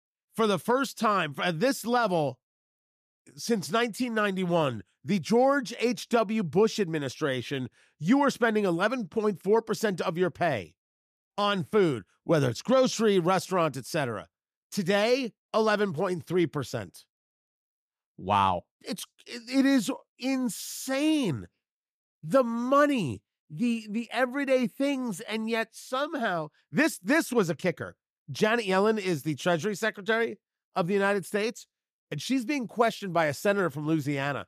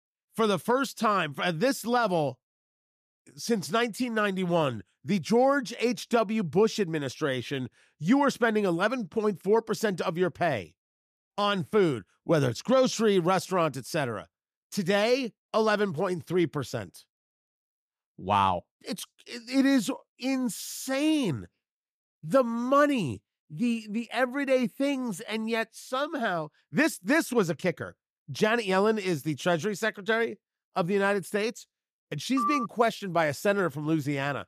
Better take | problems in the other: first | phone ringing; noticeable; at 32 s; peak 2 dB below the speech

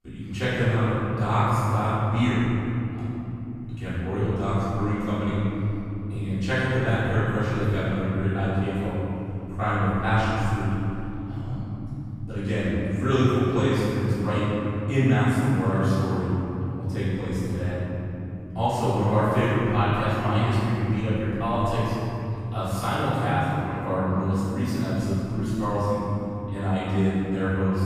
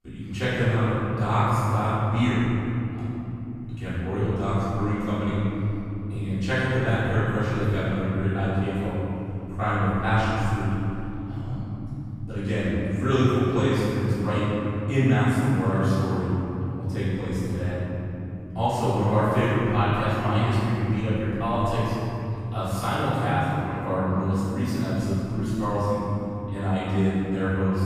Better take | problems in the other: neither | off-mic speech; far; the same in both // room echo; strong; dies away in 3 s; the same in both

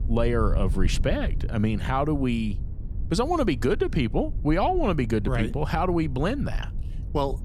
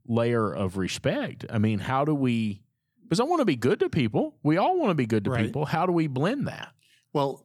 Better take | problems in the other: second | low rumble; faint; throughout; 20 dB below the speech

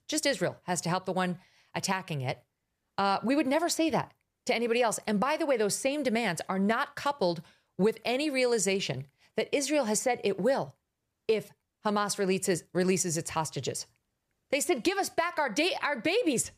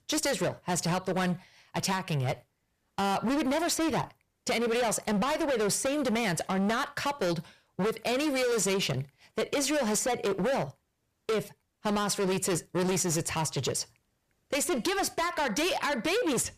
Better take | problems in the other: first | distortion; heavy; 25% of the sound clipped

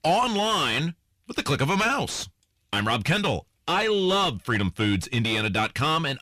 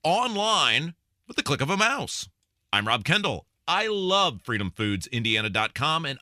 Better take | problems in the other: second | distortion; heavy; 6 dB below the speech

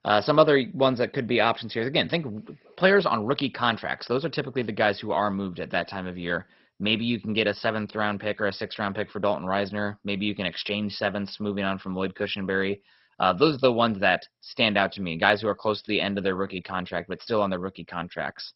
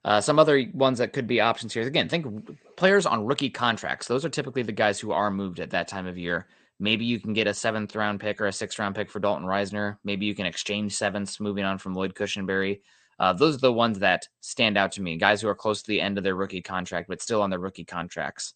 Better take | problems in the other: second | garbled, watery; badly; nothing above 5.5 kHz; slightly in the second

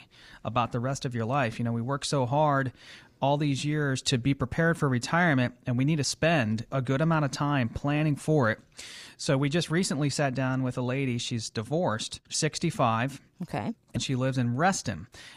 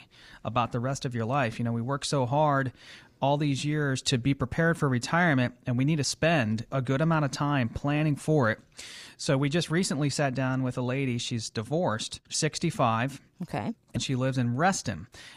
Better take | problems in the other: neither | none

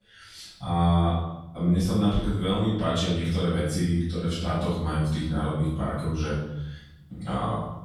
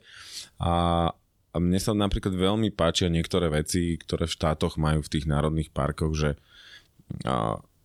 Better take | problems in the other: second | room echo; strong; dies away in 0.9 s // off-mic speech; far

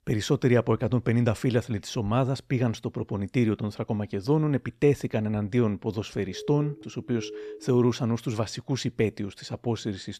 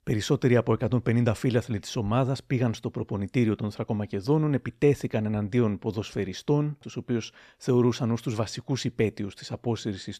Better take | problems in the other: second | siren; faint; from 6.5 to 8 s; peak 10 dB below the speech

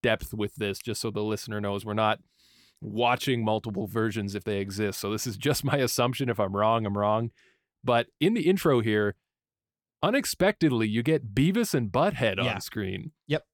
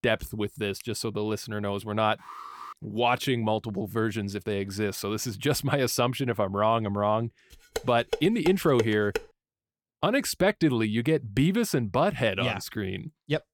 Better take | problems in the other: first | alarm; faint; at 2 s; peak 15 dB below the speech // clattering dishes; noticeable; from 8 to 9 s; peak 5 dB below the speech

